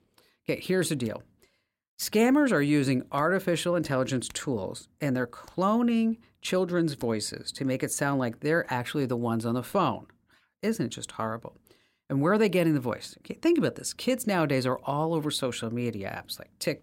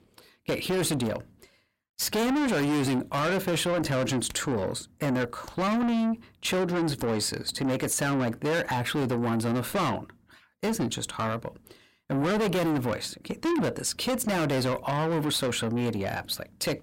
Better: first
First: none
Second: distortion; heavy; 6 dB below the speech

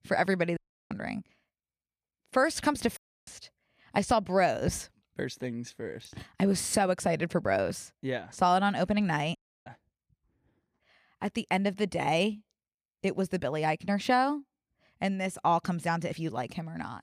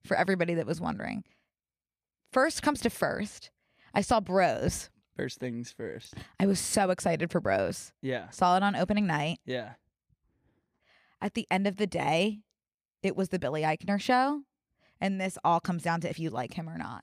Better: second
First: audio cutting out; at 0.5 s, at 3 s and at 9.5 s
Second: none

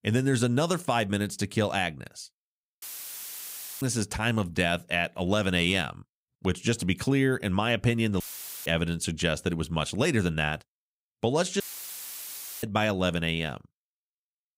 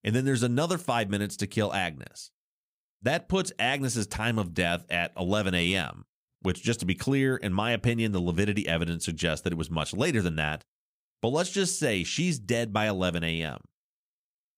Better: second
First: audio cutting out; filled with static; at 3 s for 1 s, at 8 s and at 12 s for 1 s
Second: none

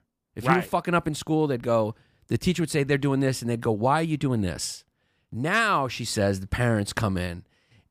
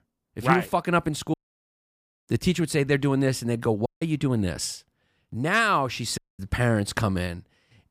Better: first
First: none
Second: audio cutting out; at 1.5 s for 1 s, at 4 s and at 6 s

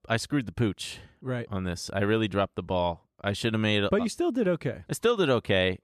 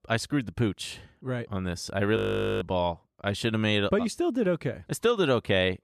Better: first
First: none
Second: audio freezing; at 2 s

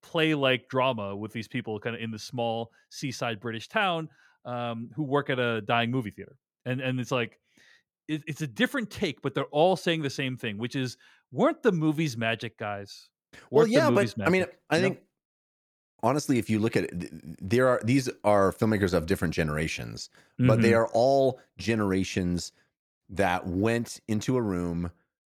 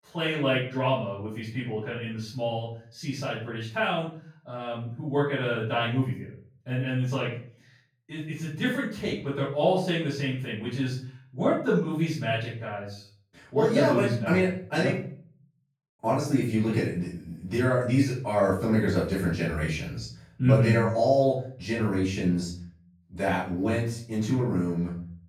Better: first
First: none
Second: off-mic speech; far // room echo; noticeable; dies away in 0.5 s

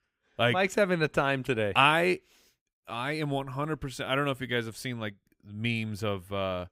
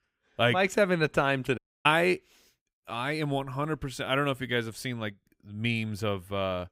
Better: first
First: none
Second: audio cutting out; at 1.5 s

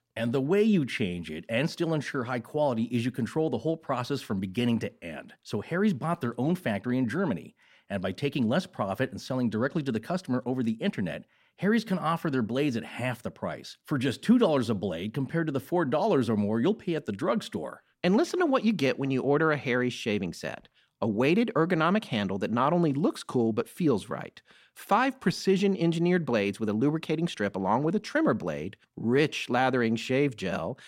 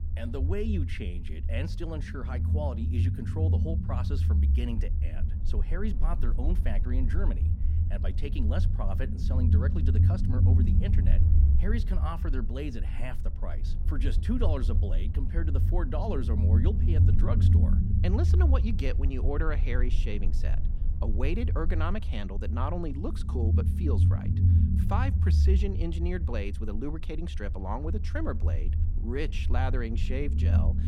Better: first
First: none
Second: low rumble; loud; throughout; 5 dB below the speech

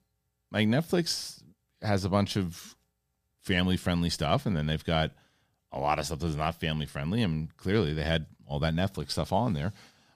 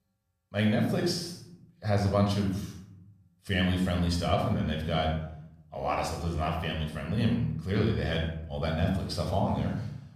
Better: first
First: none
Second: off-mic speech; somewhat distant // room echo; noticeable; dies away in 0.7 s

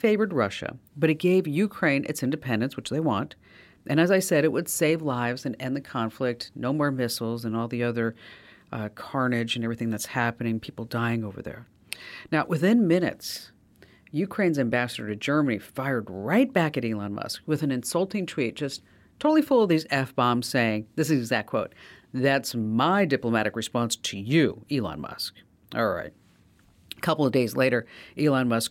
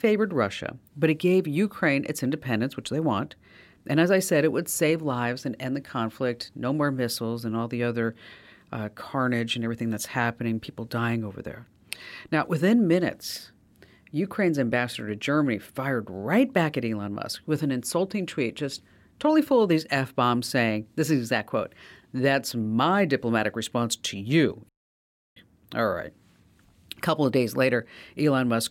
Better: first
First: none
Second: audio cutting out; at 25 s for 0.5 s

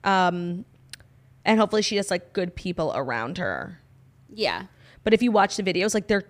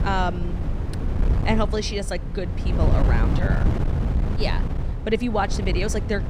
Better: first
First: none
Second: wind noise on the microphone; heavy; 7 dB below the speech

